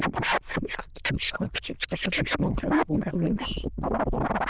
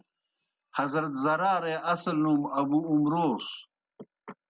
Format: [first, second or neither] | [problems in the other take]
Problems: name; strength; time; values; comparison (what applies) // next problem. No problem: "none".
second | noise reduction (neural diffusion model UNIVERSE++)